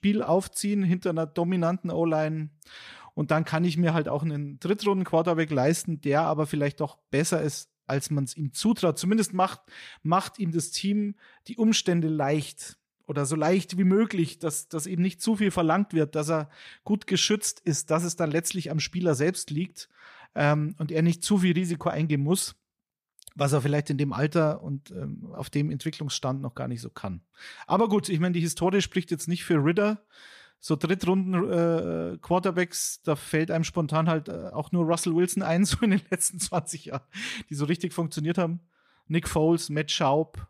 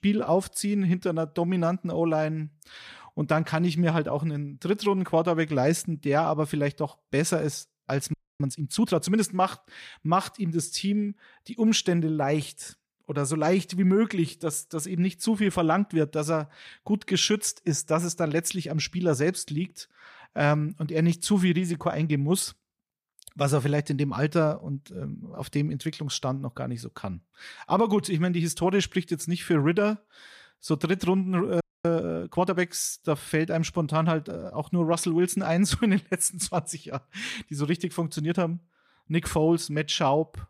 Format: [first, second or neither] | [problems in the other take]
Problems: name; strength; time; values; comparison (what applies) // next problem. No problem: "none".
first | audio freezing; at 8 s and at 32 s